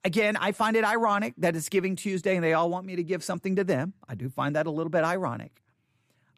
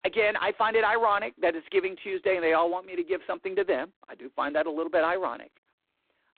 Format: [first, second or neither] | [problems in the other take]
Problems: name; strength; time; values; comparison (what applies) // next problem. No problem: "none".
first | phone-call audio; poor line; nothing above 4 kHz